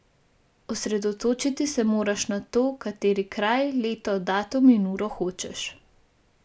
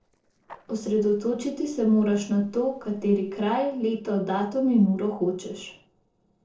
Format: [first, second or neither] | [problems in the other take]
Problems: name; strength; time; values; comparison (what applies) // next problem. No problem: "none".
first | noise reduction (neural separator model SepFormer DNS4)